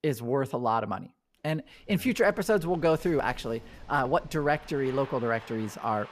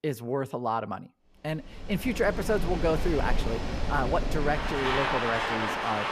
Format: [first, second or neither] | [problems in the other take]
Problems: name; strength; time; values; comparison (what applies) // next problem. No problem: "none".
first | rain or running water; loud; from 2 s on; 1 dB below the speech; faint in the first